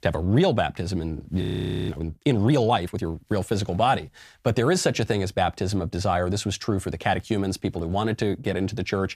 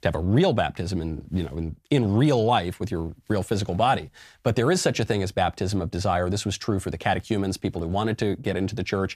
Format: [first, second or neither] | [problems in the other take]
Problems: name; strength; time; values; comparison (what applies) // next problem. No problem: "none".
second | audio freezing; at 1.5 s